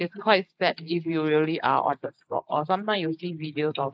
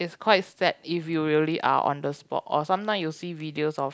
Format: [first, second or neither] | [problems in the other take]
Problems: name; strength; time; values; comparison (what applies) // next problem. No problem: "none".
second | noise reduction (neural mask model Resemble Enhance denoiser)